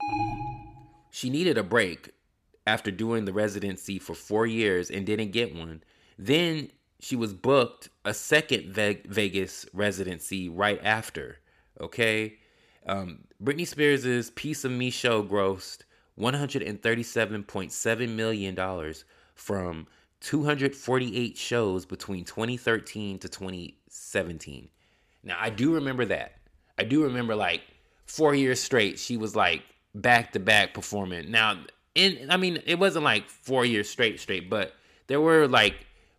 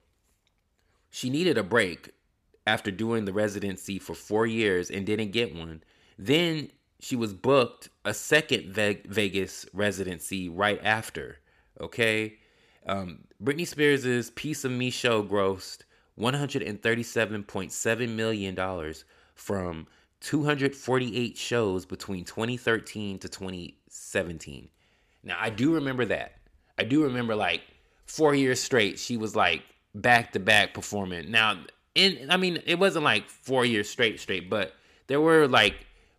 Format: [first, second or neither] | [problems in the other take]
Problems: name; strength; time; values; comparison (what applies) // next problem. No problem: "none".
second | alarm; noticeable; at the start; peak 3 dB below the speech